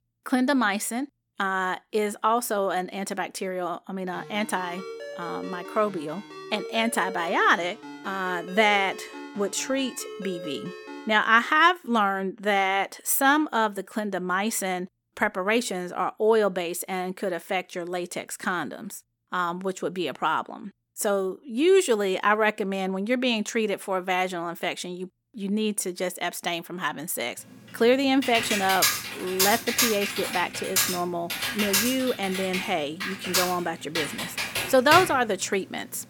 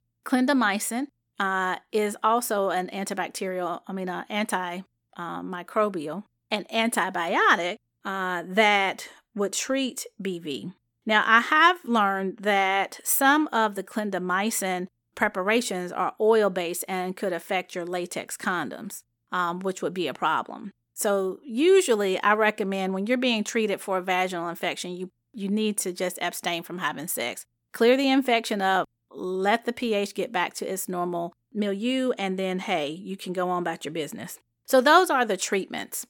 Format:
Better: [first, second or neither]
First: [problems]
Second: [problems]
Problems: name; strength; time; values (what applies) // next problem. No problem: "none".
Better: second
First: phone ringing; faint; from 4 to 11 s; peak 10 dB below the speech // keyboard typing; loud; from 28 to 35 s; peak 4 dB above the speech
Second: none